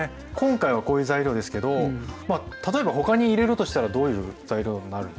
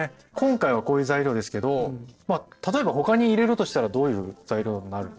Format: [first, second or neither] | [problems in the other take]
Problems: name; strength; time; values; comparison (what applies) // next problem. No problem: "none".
first | noise reduction (neural separator model SepFormer DNS4)